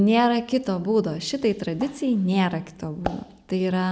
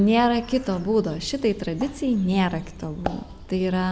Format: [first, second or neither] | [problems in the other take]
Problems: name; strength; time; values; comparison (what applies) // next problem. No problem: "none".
first | background sound (Bird); 18 dB below the speech